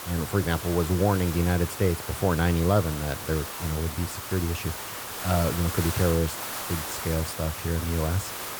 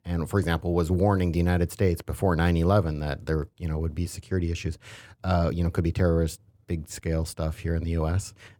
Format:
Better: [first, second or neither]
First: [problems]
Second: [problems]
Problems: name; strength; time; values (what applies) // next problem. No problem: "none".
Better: second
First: hiss; loud; throughout; 6 dB below the speech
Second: none